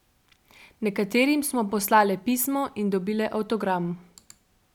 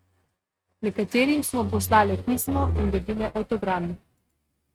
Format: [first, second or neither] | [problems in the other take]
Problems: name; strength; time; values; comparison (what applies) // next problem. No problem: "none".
first | noise reduction (neural mask model RNNoise)